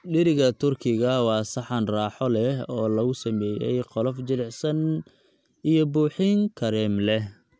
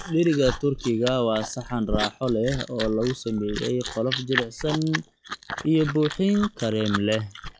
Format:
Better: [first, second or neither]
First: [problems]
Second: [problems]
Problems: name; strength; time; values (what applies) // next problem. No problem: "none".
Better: first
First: none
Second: noise reduction (classical method log-MMSE)